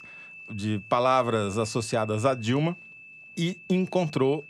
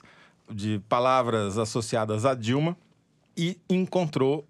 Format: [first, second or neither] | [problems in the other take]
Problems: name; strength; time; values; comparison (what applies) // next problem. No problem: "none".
second | high-pitched whine; noticeable; throughout; 2.5 kHz, 15 dB below the speech